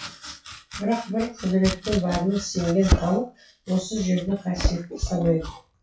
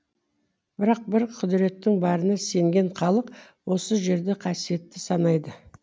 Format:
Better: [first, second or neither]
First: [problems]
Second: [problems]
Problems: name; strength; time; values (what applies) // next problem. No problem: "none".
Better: second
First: noise reduction (classical method WPE with log-MMSE)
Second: none